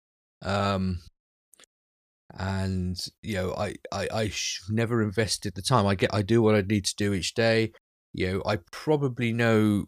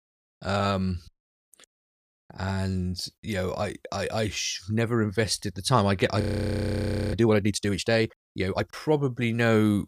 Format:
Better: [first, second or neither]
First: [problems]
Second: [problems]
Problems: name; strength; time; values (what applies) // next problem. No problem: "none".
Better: first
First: none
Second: audio freezing; at 6 s for 1 s